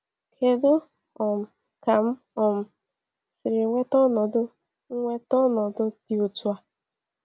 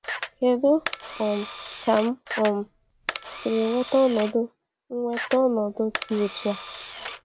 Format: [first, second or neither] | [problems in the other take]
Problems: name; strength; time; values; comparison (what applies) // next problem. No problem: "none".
first | background sound (Camera); 11 dB below the speech